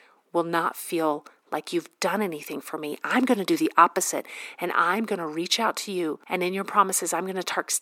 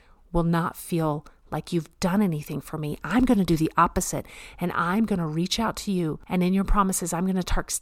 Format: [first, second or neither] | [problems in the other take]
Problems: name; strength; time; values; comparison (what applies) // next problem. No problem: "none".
second | thin; somewhat; fading below 300 Hz